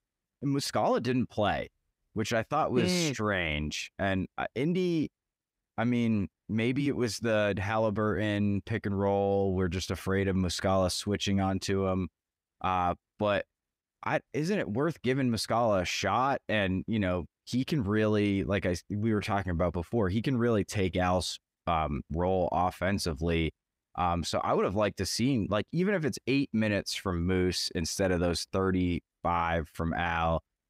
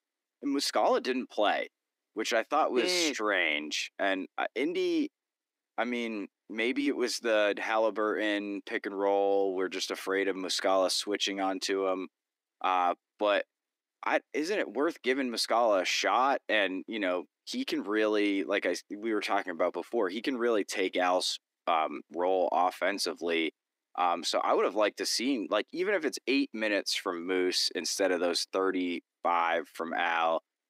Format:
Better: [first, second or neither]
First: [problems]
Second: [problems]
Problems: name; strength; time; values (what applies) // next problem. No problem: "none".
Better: first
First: none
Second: thin; somewhat; fading below 300 Hz